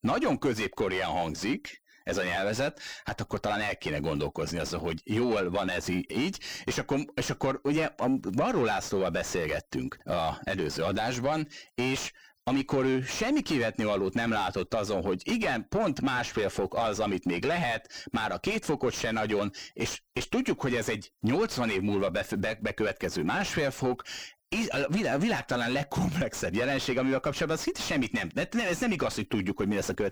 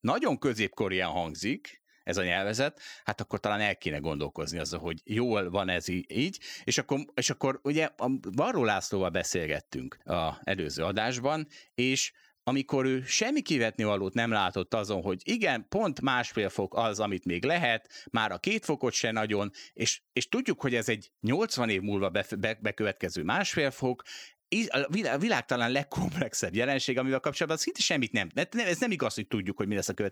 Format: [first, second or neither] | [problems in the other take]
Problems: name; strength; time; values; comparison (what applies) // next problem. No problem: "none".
second | distortion; heavy; 5 dB below the speech